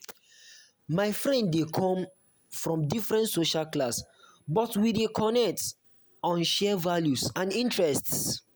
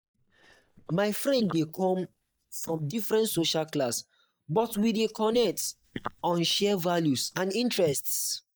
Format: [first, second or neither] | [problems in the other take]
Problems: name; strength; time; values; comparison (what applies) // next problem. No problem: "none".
first | noise reduction (neural mask model DeepFilterNet 3)